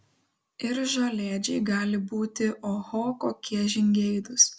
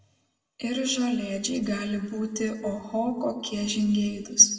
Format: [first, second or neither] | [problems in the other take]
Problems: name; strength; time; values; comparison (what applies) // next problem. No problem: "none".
first | room echo; dies away in 1.5 s